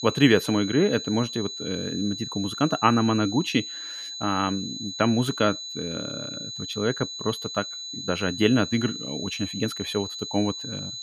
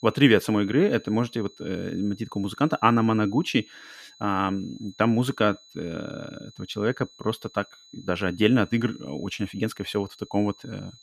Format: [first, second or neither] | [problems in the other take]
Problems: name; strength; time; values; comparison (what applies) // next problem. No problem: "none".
second | high-pitched whine; loud; throughout; 4 kHz, 7 dB below the speech; faint in the second